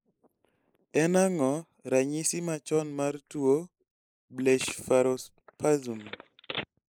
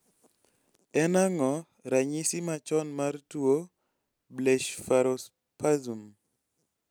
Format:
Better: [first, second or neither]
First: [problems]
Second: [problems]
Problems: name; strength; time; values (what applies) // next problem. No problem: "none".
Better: second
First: noise reduction (neural mask model Resemble Enhance denoiser)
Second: none